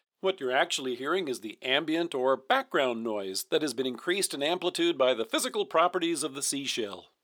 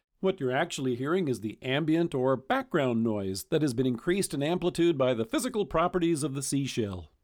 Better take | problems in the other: second | thin; somewhat; fading below 450 Hz

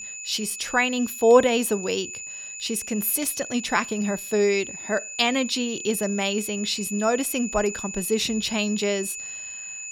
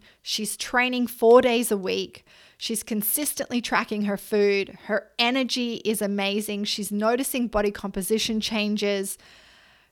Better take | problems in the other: second | high-pitched whine; loud; throughout; 7 kHz, 9 dB below the speech

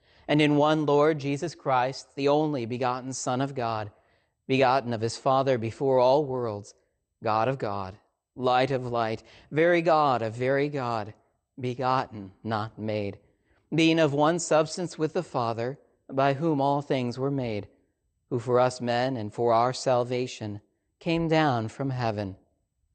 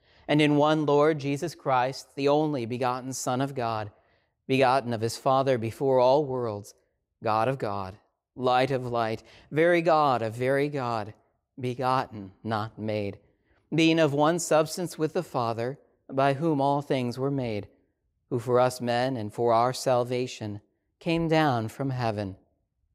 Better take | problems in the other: second | garbled, watery; slightly; nothing above 8.5 kHz

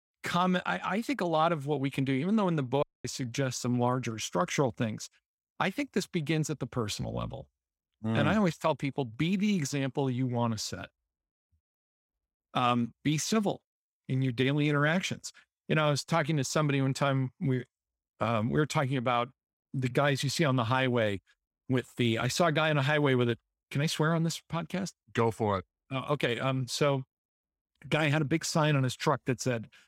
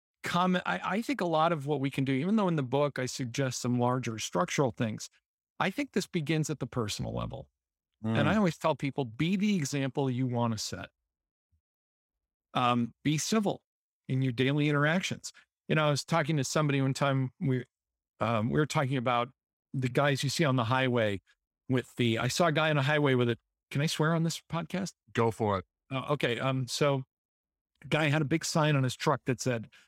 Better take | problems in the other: second | audio cutting out; at 3 s

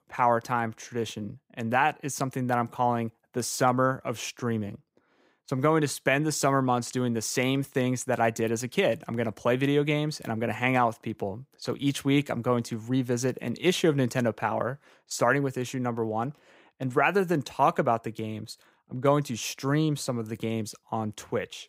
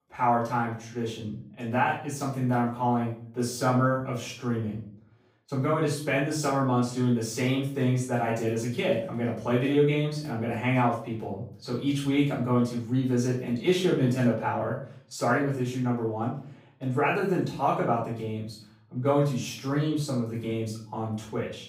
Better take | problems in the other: first | off-mic speech; far // room echo; noticeable; dies away in 0.5 s

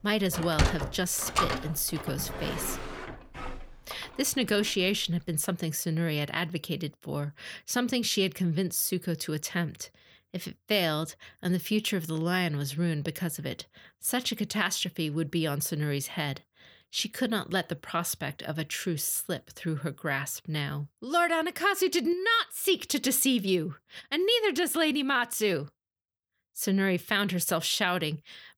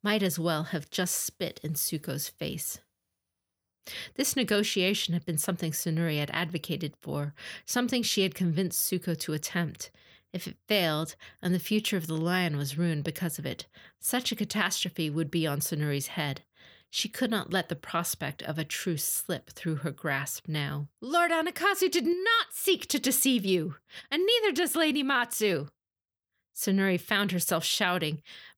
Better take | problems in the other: second | door banging; loud; until 4 s; peak 1 dB above the speech

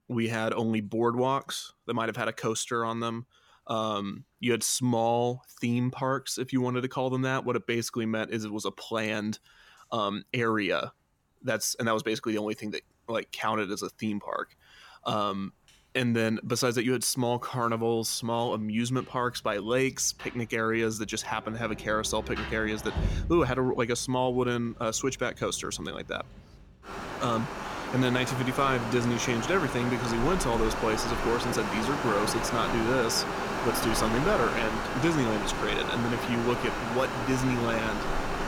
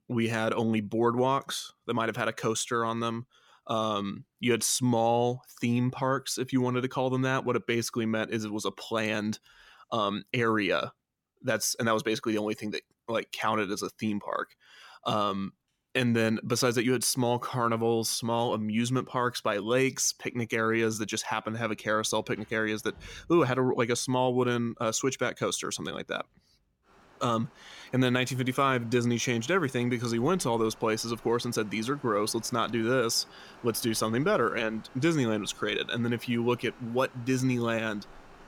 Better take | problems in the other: second | rain or running water; loud; throughout; 3 dB below the speech; faint in the second

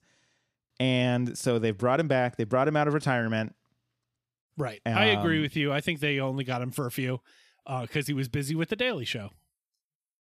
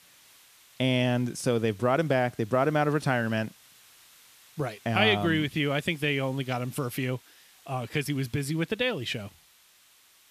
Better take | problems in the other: first | hiss; faint; throughout; 25 dB below the speech

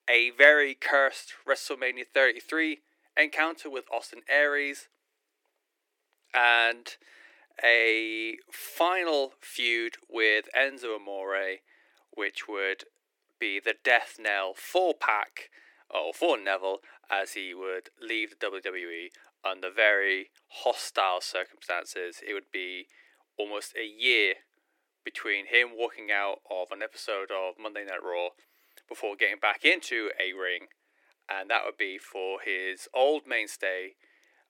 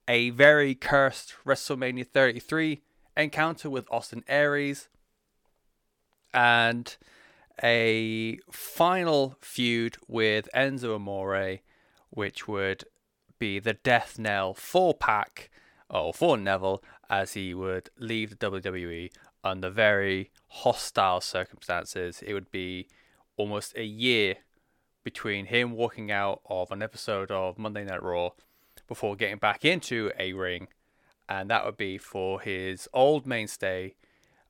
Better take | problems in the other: second | thin; very; fading below 300 Hz

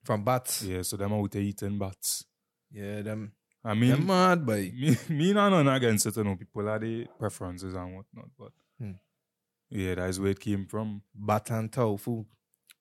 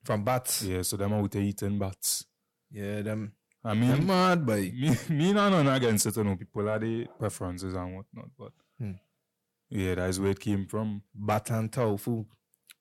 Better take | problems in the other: first | distortion; slight; 10 dB below the speech

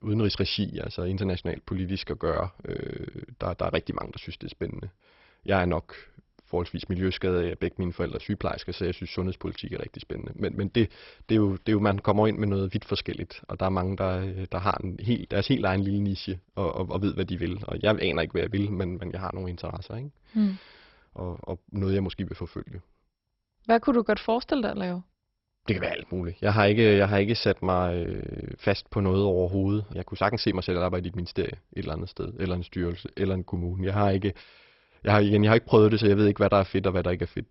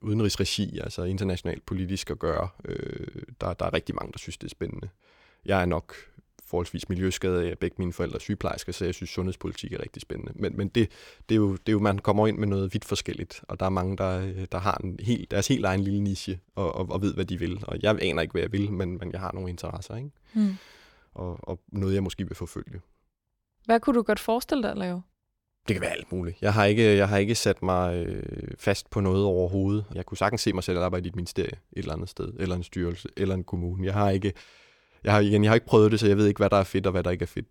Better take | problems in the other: second | garbled, watery; badly; nothing above 5.5 kHz

